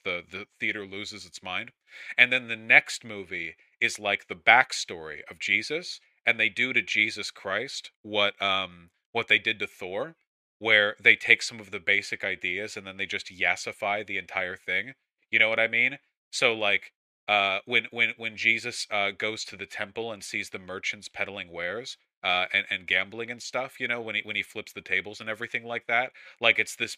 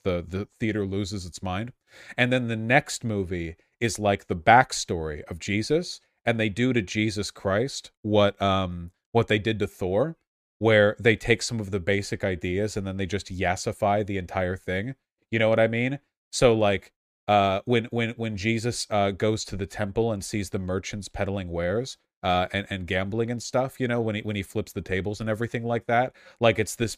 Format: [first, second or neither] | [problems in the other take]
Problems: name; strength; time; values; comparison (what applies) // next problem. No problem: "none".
second | thin; somewhat; fading below 900 Hz